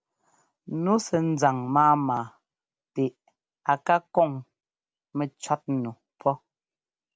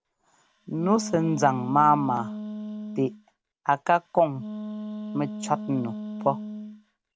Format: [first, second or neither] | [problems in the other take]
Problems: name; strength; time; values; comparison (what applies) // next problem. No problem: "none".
first | background sound (Wind instrument, woodwind instrument); 9 dB below the speech